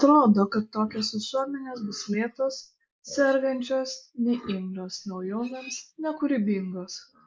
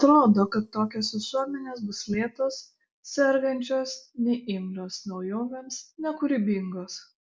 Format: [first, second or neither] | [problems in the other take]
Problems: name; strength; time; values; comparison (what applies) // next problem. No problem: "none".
second | noise reduction (neural mask model Resemble Enhance denoiser)